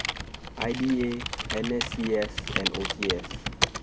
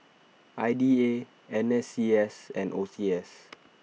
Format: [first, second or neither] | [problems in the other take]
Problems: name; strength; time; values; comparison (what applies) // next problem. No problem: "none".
second | background sound (Computer keyboard); 1 dB below the speech